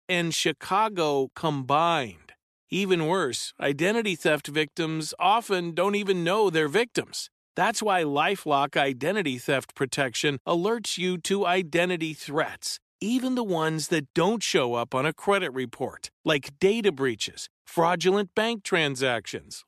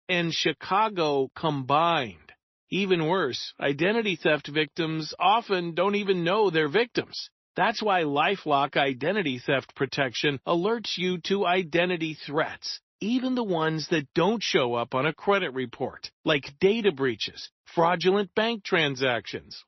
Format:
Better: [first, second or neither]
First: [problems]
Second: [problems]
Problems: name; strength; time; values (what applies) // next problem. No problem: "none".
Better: first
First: none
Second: garbled, watery; slightly; nothing above 6 kHz